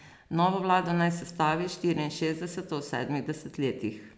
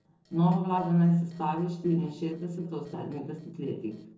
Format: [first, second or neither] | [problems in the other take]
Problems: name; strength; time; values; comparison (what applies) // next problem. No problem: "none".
first | noise reduction (neural separator model SepFormer DNS4)